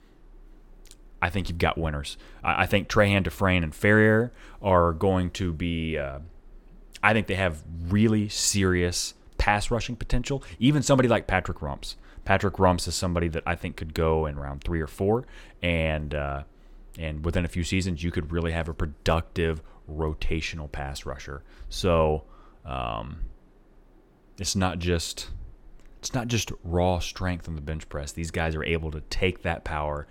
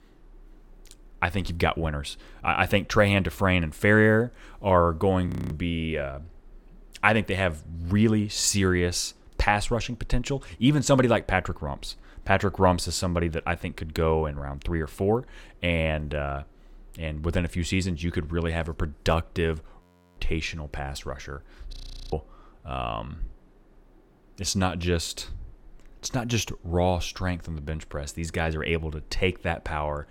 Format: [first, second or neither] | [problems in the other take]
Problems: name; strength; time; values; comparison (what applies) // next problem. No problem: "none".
first | audio freezing; at 5.5 s, at 20 s and at 22 s